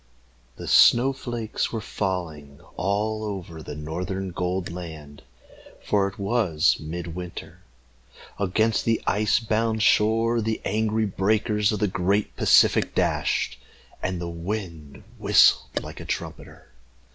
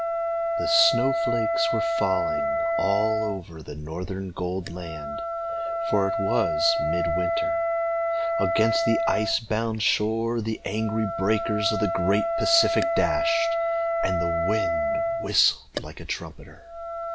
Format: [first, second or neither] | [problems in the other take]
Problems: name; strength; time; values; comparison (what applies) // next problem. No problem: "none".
first | background sound (Wind instrument, woodwind instrument); 1 dB above the speech